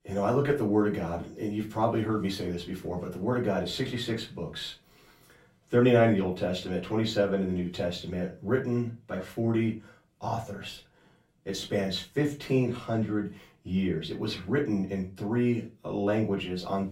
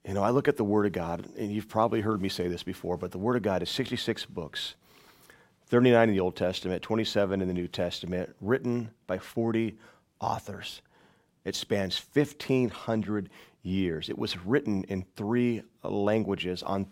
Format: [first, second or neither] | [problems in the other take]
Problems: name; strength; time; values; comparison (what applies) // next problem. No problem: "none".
second | off-mic speech; far // room echo; very slight; dies away in 0.2 s